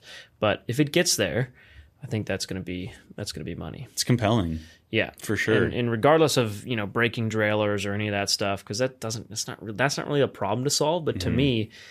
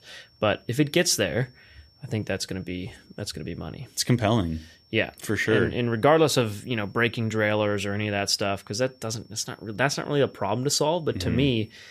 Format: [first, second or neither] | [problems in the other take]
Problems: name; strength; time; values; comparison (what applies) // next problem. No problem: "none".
first | high-pitched whine; faint; throughout; 5.5 kHz, 30 dB below the speech